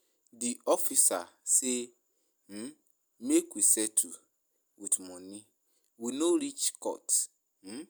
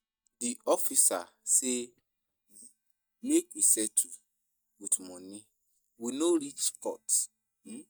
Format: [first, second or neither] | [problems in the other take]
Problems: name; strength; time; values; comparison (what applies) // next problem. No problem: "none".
first | noise reduction (neural mask model DeepFilterNet 3)